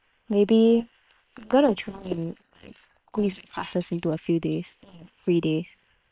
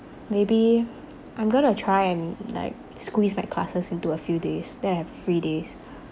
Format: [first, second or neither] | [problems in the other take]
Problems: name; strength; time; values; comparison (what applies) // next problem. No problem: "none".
second | noise reduction (neural separator model SepFormer WHAM!)